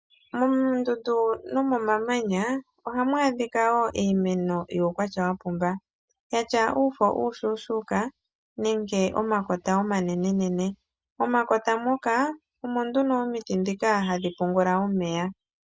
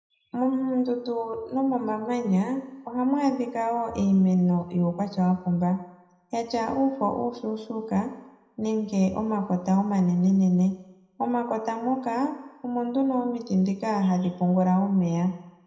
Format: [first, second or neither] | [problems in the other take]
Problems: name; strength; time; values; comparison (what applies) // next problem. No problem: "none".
first | room echo; dies away in 0.8 s